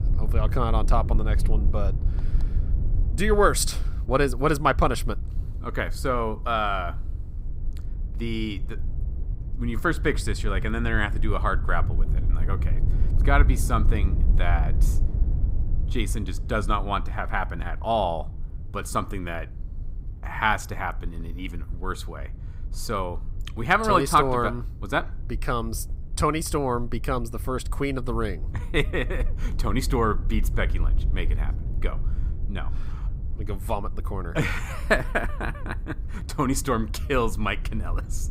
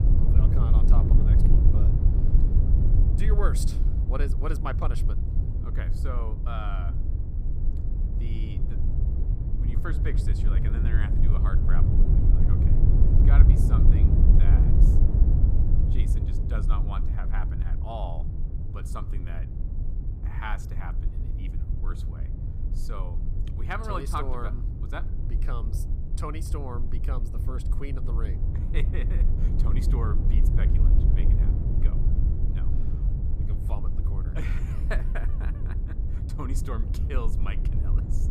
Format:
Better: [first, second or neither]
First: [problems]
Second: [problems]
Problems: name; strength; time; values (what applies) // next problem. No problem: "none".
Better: first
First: low rumble; faint; throughout; 20 dB below the speech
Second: low rumble; loud; throughout; 3 dB below the speech